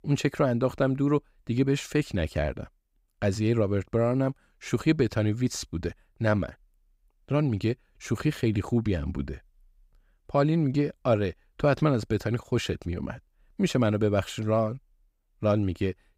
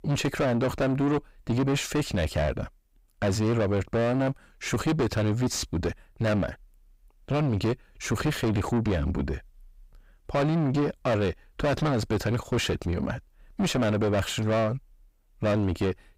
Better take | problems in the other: first | distortion; heavy; 4 dB below the speech

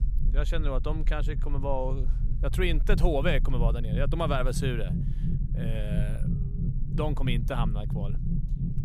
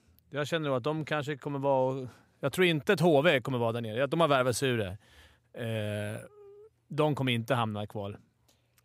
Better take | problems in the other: second | low rumble; noticeable; throughout; 10 dB below the speech

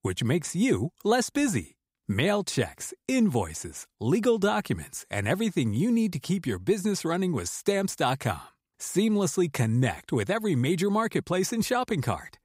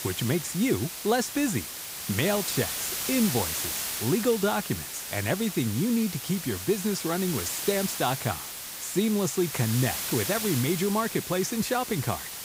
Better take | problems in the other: first | hiss; loud; throughout; 4 dB below the speech

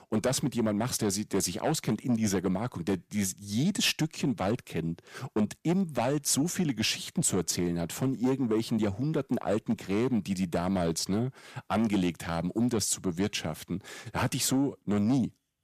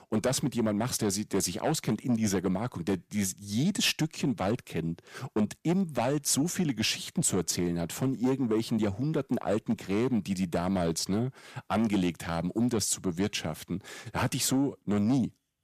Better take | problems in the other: neither | distortion; slight; 10 dB below the speech; the same in both

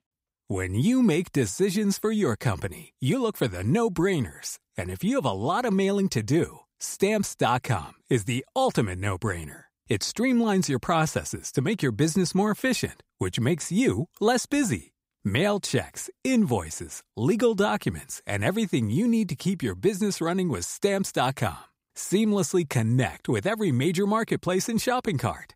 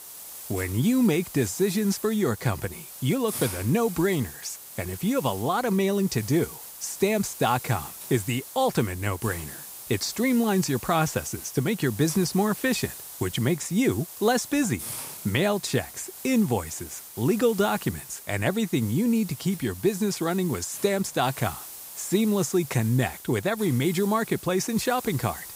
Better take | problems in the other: first | hiss; noticeable; throughout; 10 dB below the speech

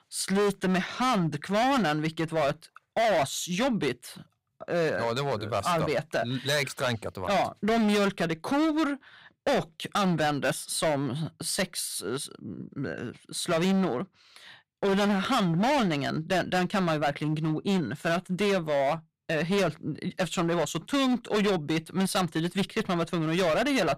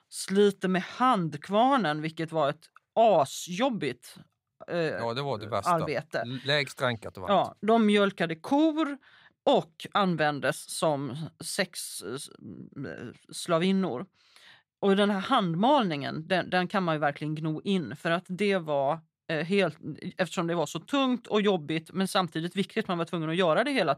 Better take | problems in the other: second | distortion; heavy; 16% of the sound clipped

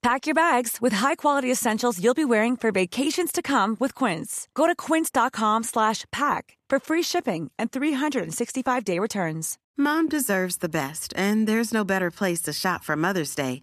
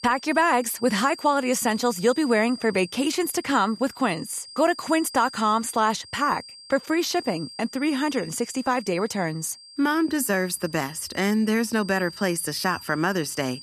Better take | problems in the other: first | high-pitched whine; noticeable; throughout; 5 kHz, 15 dB below the speech

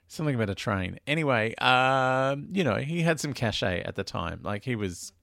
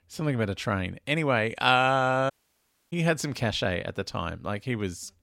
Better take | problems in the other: first | audio cutting out; at 2.5 s for 0.5 s

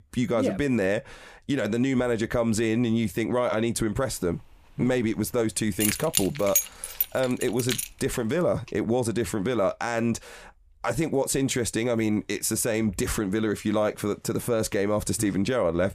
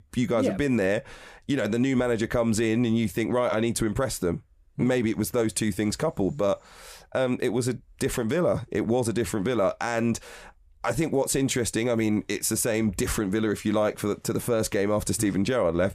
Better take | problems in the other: second | jangling keys; loud; from 6 to 8 s; peak 2 dB above the speech

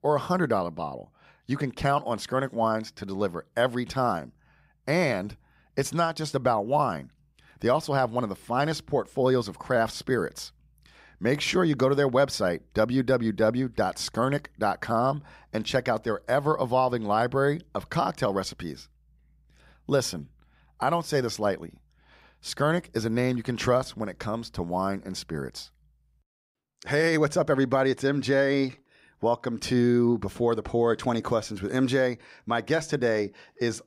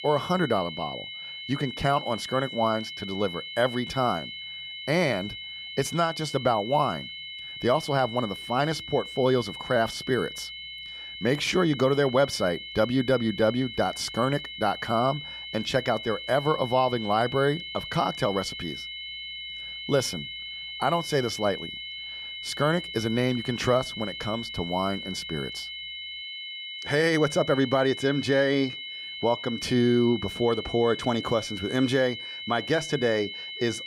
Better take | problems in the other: first | high-pitched whine; loud; throughout; 3 kHz, 9 dB below the speech

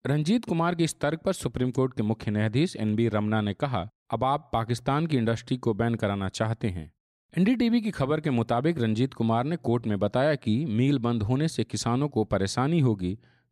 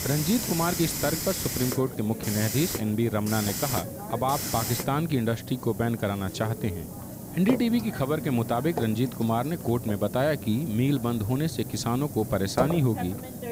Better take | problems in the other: first | hiss; loud; throughout; 6 dB below the speech

